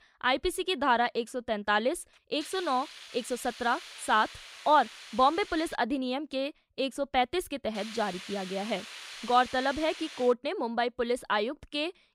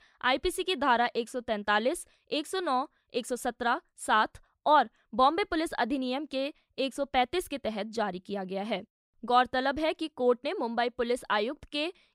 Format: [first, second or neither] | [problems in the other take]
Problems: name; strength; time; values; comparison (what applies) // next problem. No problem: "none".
second | hiss; noticeable; from 2 to 6 s and from 8 to 10 s; 15 dB below the speech